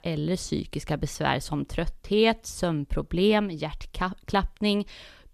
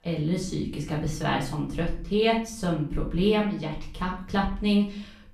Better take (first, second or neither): first